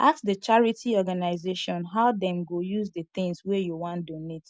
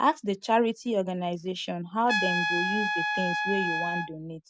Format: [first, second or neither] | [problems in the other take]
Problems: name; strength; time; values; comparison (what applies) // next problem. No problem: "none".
first | background sound (Trumpet); 3 dB below the speech